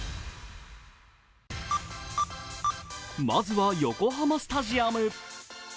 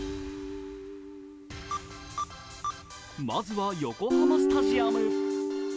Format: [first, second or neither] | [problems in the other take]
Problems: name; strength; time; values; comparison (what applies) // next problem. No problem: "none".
first | background sound (Guitar); 4 dB above the speech